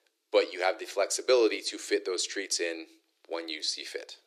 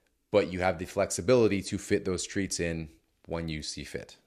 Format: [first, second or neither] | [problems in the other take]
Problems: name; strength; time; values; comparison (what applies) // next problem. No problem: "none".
second | thin; very; fading below 300 Hz